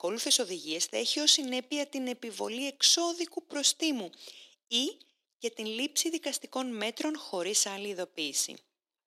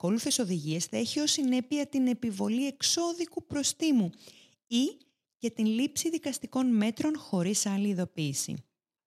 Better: second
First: thin; somewhat; fading below 350 Hz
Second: none

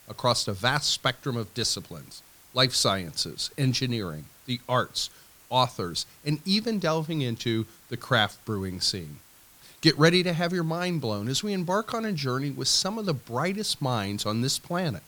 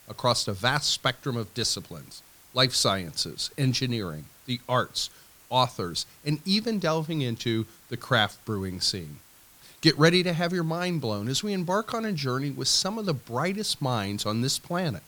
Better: neither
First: hiss; faint; throughout; 25 dB below the speech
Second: hiss; faint; throughout; 25 dB below the speech

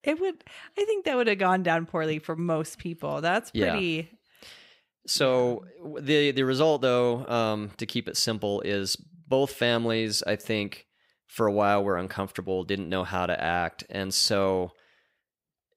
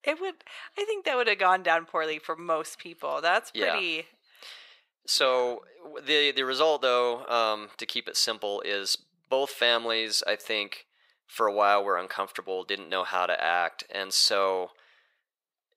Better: first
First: none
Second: thin; very; fading below 600 Hz

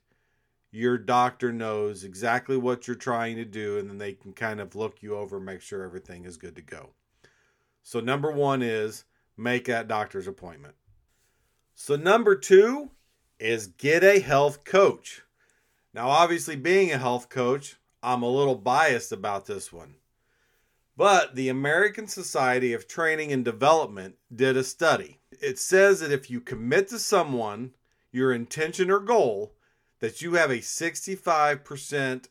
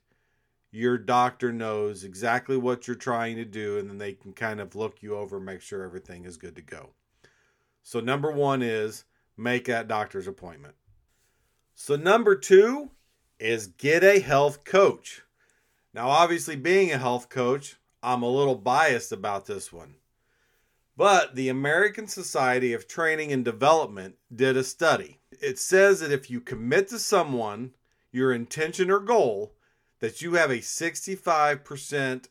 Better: neither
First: none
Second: none

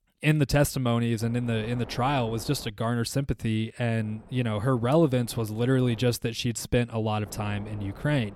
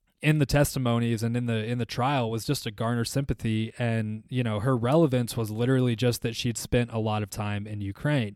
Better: second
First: wind noise on the microphone; occasional gusts; from 1 to 2.5 s, from 4 to 6 s and from 7.5 s on; 20 dB below the speech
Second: none

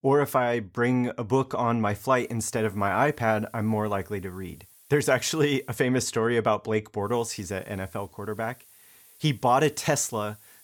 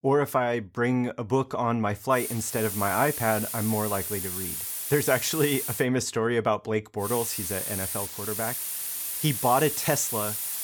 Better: first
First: hiss; faint; from 2 to 6 s and from 7 s on; 25 dB below the speech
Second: hiss; loud; from 2 to 6 s and from 7 s on; 3 dB below the speech

